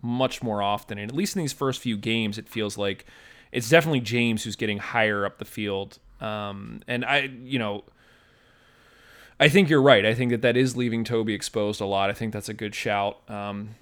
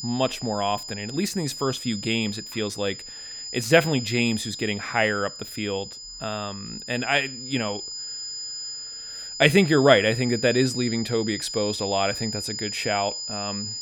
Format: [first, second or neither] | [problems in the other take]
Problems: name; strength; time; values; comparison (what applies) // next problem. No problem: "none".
first | high-pitched whine; loud; throughout; 5 kHz, 8 dB below the speech